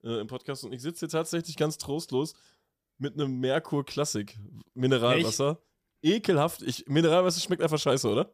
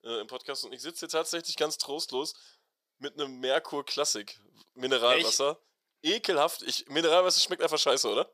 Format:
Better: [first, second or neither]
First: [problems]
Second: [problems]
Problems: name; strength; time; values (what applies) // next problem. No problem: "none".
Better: first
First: none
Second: thin; very; fading below 550 Hz